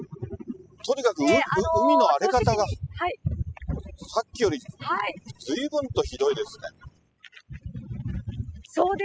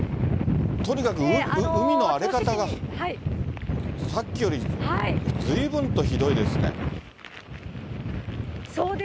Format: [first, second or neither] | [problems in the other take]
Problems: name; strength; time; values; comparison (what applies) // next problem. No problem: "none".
second | noise reduction (classical method spectral subtraction)